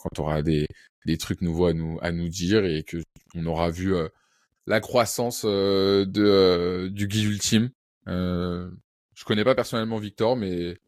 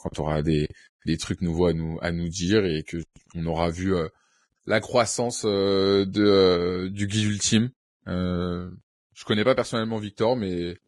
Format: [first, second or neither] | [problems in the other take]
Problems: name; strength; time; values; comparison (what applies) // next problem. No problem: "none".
first | garbled, watery; badly; nothing above 10 kHz; slightly in the first